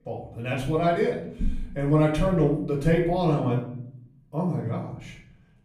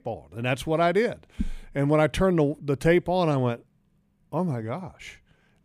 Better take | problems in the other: second | off-mic speech; far // room echo; noticeable; dies away in 0.7 s

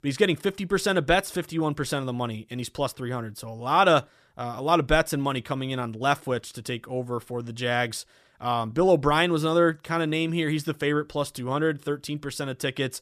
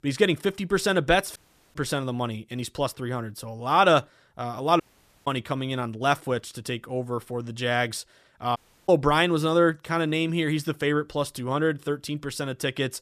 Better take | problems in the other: first | audio cutting out; at 1.5 s, at 5 s and at 8.5 s

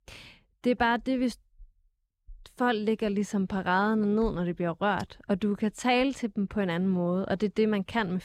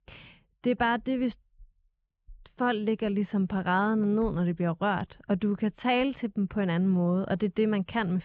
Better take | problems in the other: first | muffled; very; fading above 3 kHz

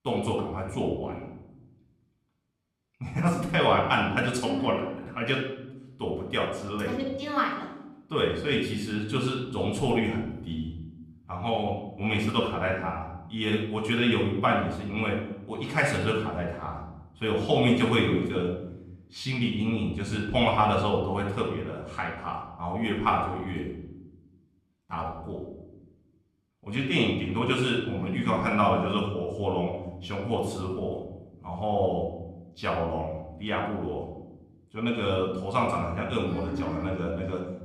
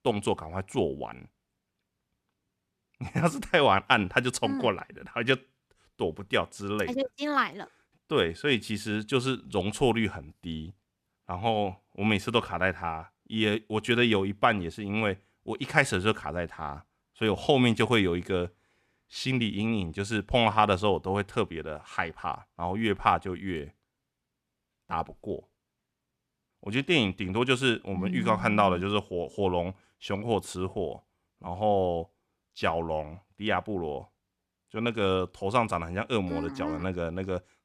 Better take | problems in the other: second | off-mic speech; far // room echo; noticeable; dies away in 0.9 s

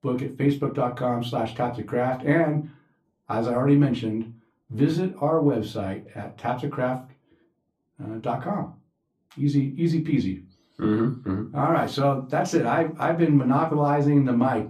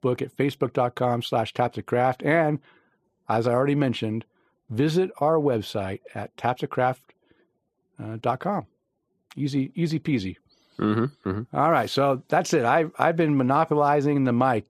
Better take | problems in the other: second | off-mic speech; far // room echo; very slight; dies away in 0.2 s

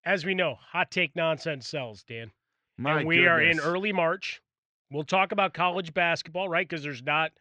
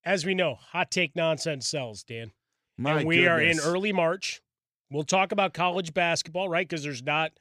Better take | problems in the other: second | muffled; slightly; fading above 3 kHz

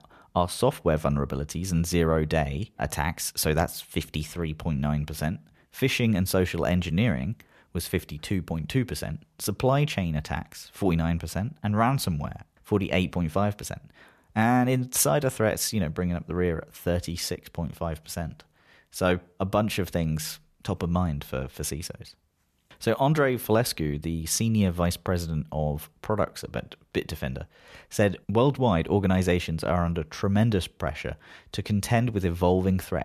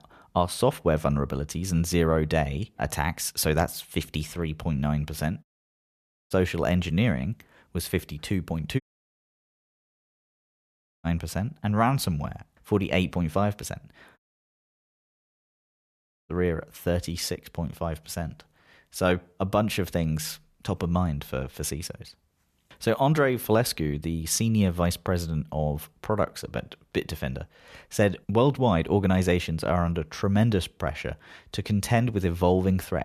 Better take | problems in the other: first | audio cutting out; at 5.5 s for 1 s, at 9 s for 2 s and at 14 s for 2 s

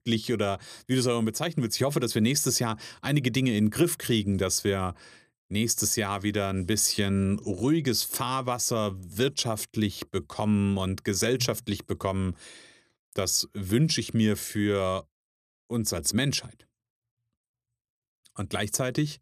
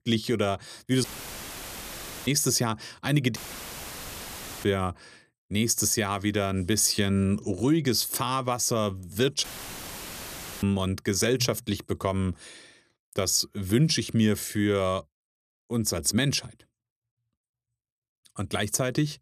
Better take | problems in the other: first | audio cutting out; filled with static; at 1 s for 1 s, at 3.5 s for 1.5 s and at 9.5 s for 1 s

